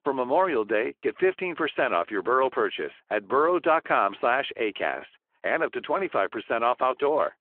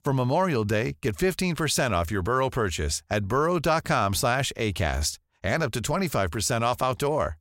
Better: second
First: phone-call audio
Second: none

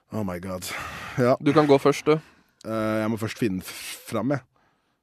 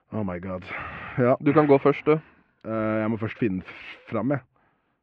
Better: first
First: none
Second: muffled; very; fading above 2.5 kHz

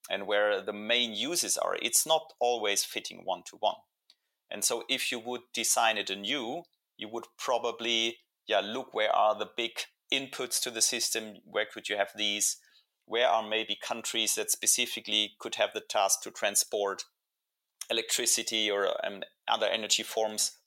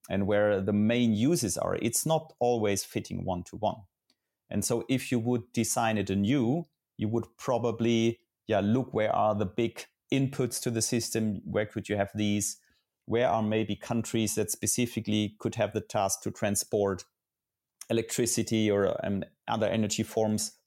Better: second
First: thin; very; fading below 650 Hz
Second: none

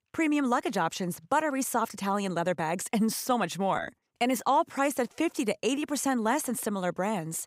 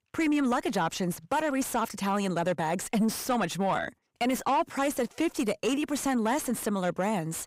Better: first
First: none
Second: distortion; slight; 10 dB below the speech

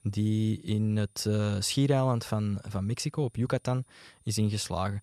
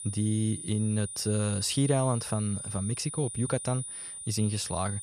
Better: first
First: high-pitched whine; faint; throughout; 9.5 kHz, 35 dB below the speech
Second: high-pitched whine; loud; throughout; 9.5 kHz, 7 dB below the speech

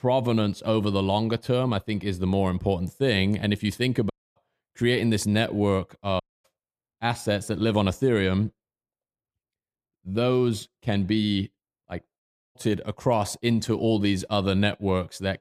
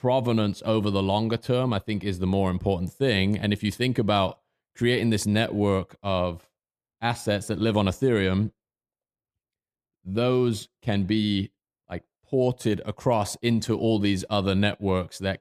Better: second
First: audio cutting out; at 4 s, at 6 s and at 12 s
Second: none

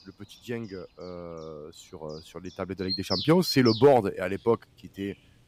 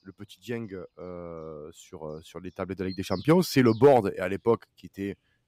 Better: second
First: animal sounds; loud; throughout; 6 dB below the speech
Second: animal sounds; faint; throughout; 20 dB below the speech

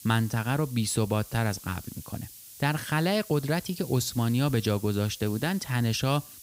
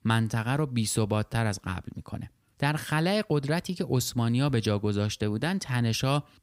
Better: second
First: hiss; noticeable; throughout; 15 dB below the speech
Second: none

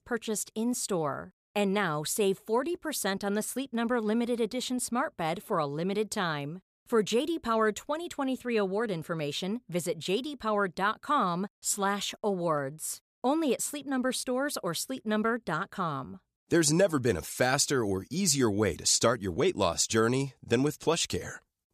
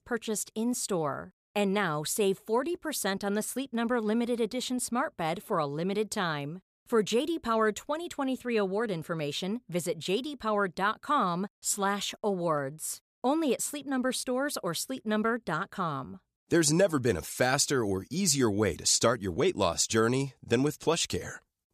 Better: neither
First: none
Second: none

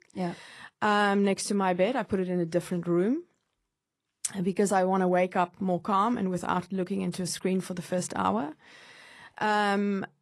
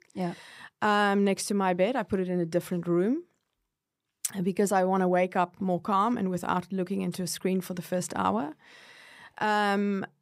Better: second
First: garbled, watery; slightly; nothing above 11.5 kHz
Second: none

